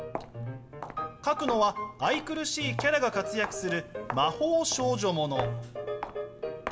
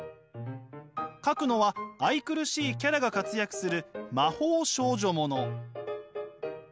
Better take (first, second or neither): second